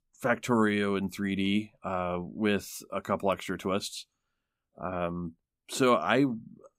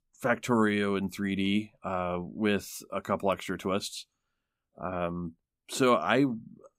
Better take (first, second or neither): neither